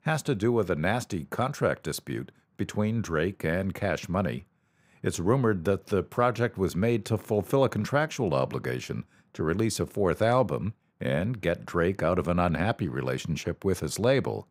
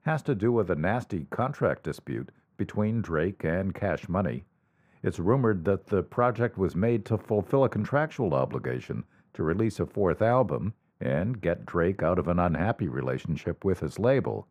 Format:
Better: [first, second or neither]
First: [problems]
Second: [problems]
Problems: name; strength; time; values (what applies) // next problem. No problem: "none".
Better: first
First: none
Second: muffled; slightly; fading above 3 kHz